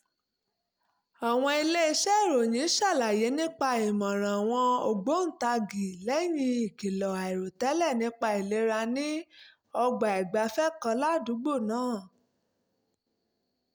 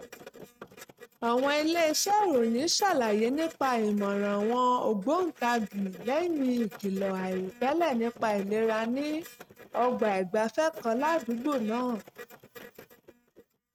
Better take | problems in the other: first | noise reduction (neural mask model RNNoise)

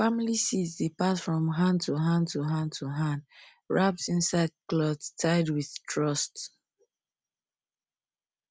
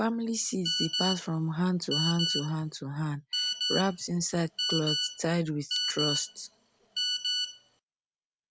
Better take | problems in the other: first | background sound (Telephone); 1 dB below the speech

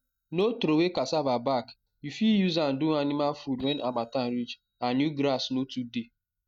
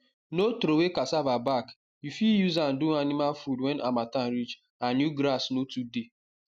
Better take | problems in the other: second | noise reduction (neural mask model DeepFilterNet 3)

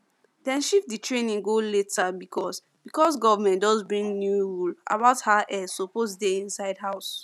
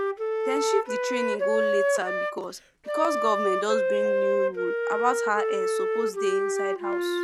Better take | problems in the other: first | background sound (Wind instrument, woodwind instrument); 4 dB above the speech

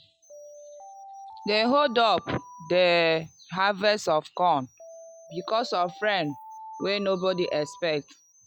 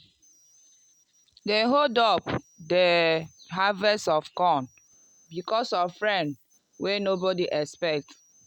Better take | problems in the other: second | noise reduction (classical method log-MMSE)

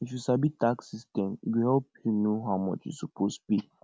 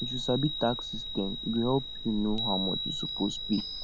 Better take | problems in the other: first | background sound (Chime); 4 dB below the speech

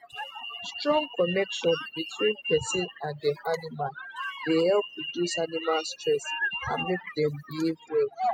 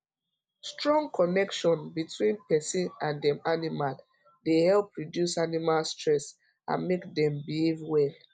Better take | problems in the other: second | noise reduction (classical method spectral subtraction)

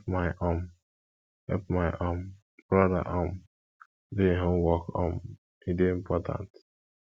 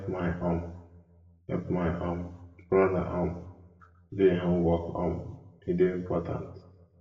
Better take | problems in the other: first | room echo; dies away in 0.7 s

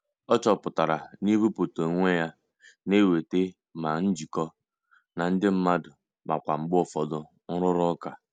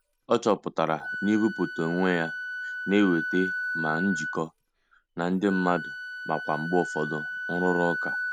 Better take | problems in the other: first | background sound (Wind instrument, woodwind instrument); 6 dB below the speech

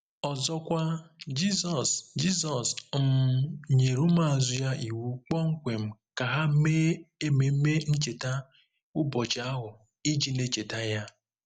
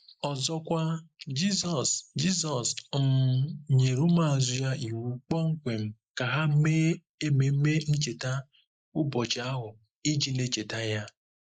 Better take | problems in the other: first | noise reduction (neural mask model Resemble Enhance denoiser)

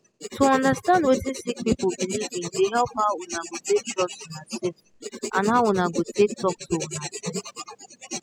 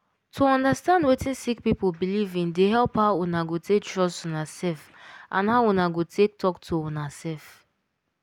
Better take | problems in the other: second | noise reduction (classical method spectral subtraction)

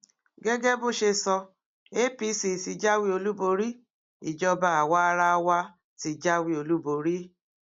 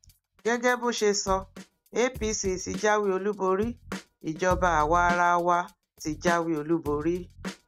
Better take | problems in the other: first | noise reduction (neural mask model RNNoise)

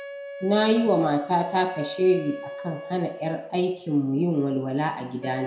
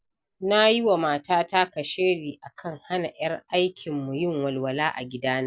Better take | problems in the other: second | background sound (Wind instrument, woodwind instrument); 14 dB below the speech // room echo; dies away in 0.5 s

